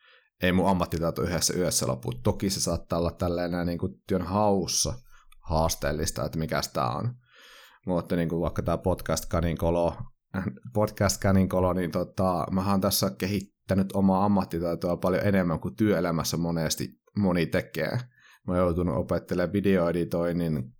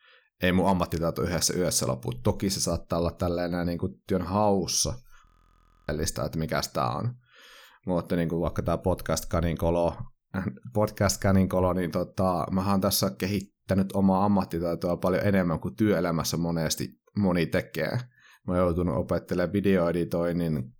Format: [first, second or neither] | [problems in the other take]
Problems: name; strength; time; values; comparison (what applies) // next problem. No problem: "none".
first | audio freezing; at 5.5 s for 0.5 s